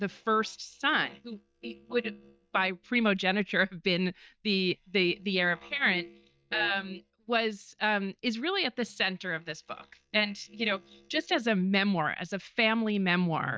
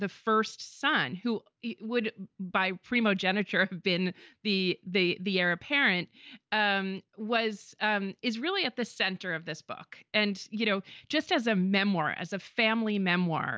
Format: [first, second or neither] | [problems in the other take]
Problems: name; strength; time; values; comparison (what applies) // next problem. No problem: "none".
second | noise reduction (neural mask model DeepFilterNet 3)